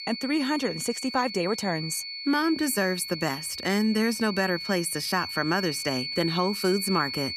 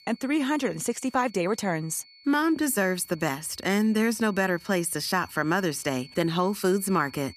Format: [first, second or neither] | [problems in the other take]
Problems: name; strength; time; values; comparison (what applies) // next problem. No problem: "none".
second | high-pitched whine; loud; throughout; 4.5 kHz, 7 dB below the speech; faint in the second